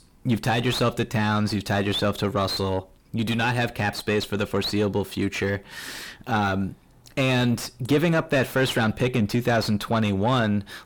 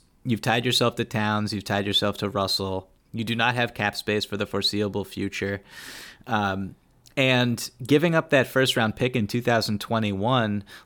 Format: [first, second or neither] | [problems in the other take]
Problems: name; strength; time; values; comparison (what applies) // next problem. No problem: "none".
second | distortion; heavy; 7 dB below the speech